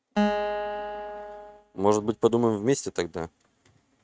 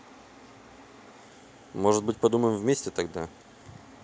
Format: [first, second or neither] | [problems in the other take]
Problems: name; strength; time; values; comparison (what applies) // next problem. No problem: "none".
second | noise reduction (neural mask model RNNoise)